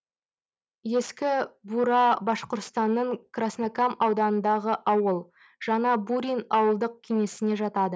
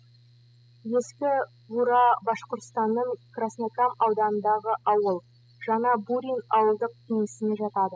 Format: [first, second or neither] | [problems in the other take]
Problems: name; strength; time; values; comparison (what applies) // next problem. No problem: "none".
first | noise reduction (classical method spectral subtraction)